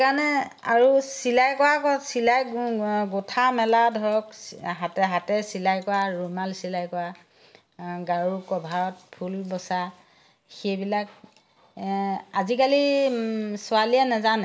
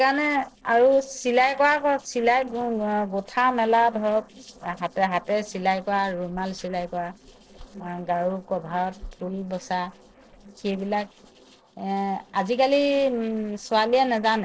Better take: first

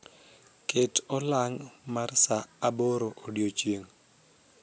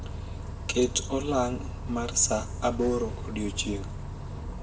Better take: first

